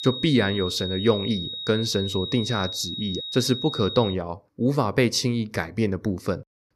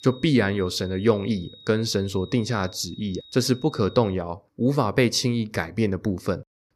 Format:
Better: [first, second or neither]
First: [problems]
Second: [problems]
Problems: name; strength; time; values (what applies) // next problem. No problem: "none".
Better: second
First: high-pitched whine; loud; until 4 s; 4 kHz, 6 dB below the speech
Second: high-pitched whine; faint; until 4 s; 4 kHz, 20 dB below the speech